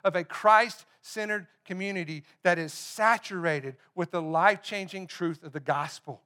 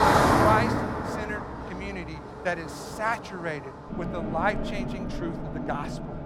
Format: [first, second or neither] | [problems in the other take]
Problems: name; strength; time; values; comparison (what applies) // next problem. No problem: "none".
first | traffic noise; very loud; throughout; 3 dB above the speech